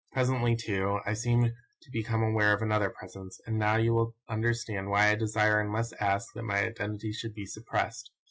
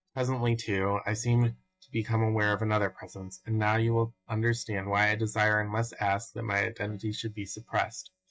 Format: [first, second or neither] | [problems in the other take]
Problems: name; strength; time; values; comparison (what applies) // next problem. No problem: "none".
first | noise reduction (neural mask model DeepFilterNet 3)